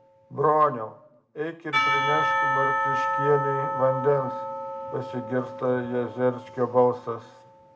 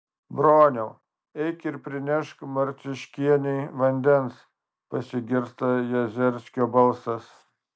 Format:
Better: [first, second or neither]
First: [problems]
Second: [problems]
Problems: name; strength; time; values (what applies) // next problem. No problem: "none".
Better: second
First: background sound (Church bell / Percussion); 2 dB below the speech // room echo; dies away in 0.4 s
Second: none